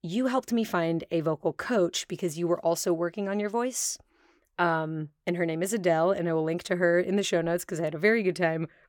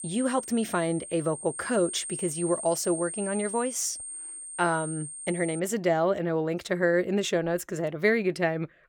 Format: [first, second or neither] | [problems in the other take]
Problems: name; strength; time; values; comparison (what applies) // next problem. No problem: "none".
first | high-pitched whine; loud; until 5.5 s; 8.5 kHz, 8 dB below the speech